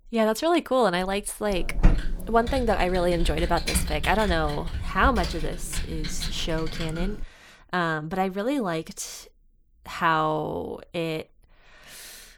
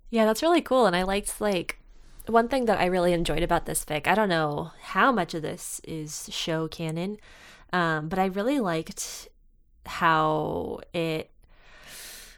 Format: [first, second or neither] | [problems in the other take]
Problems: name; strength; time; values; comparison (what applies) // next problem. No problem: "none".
second | keyboard typing; loud; from 1.5 to 7 s; peak 1 dB above the speech